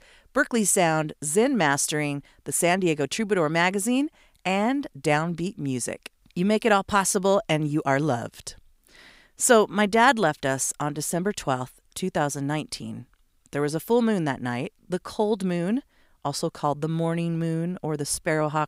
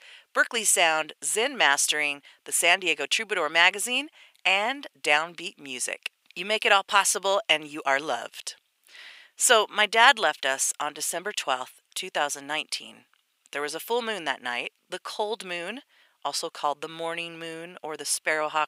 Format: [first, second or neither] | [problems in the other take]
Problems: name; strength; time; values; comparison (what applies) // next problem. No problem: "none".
first | thin; very; fading below 650 Hz